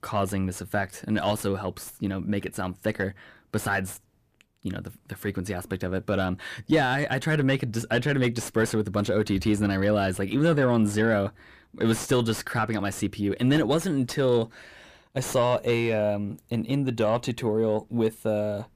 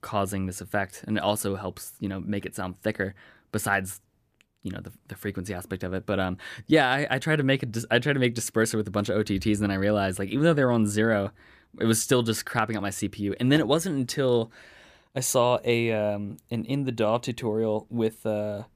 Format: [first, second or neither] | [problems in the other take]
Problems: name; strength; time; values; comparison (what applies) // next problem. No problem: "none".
second | distortion; slight; 10 dB below the speech